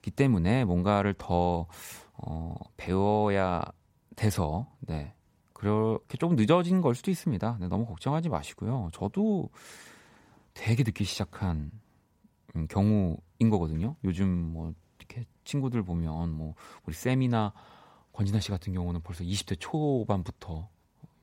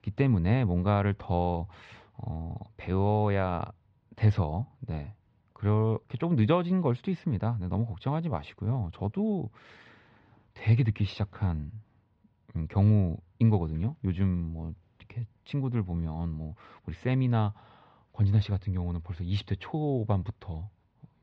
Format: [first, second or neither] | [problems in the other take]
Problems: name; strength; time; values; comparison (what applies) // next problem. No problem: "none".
first | muffled; slightly; fading above 4 kHz